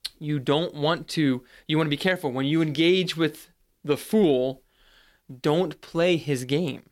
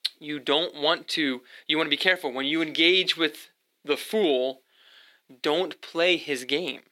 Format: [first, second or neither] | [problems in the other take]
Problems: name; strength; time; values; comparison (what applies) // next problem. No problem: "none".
first | thin; somewhat; fading below 300 Hz